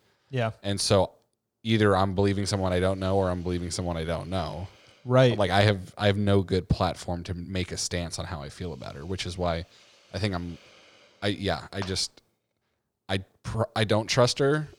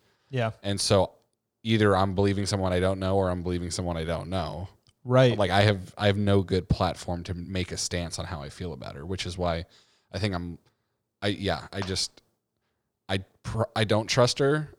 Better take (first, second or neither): second